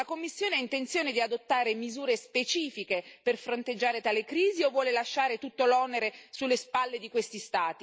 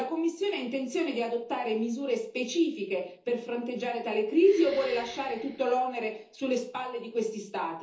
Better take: first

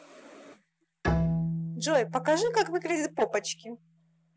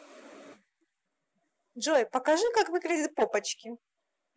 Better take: second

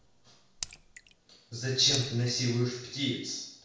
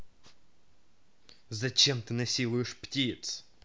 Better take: second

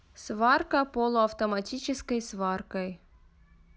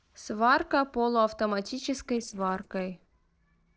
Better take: first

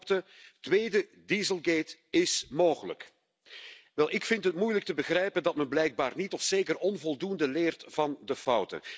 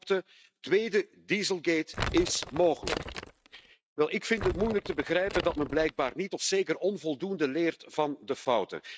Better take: first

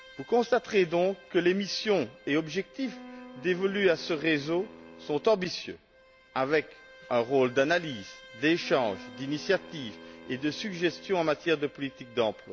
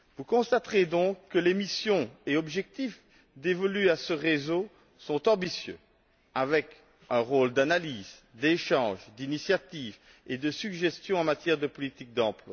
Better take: second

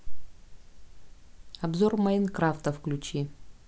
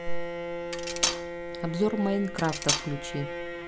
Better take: first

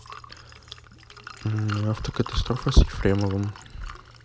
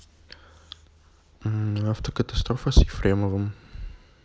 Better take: second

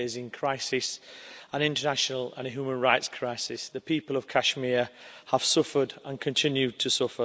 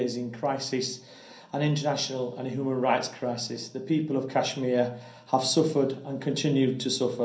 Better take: first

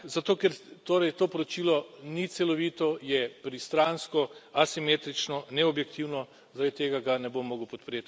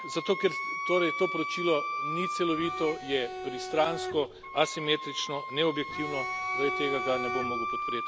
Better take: first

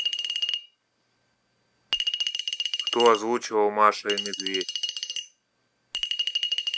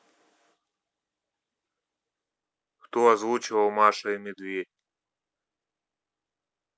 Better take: second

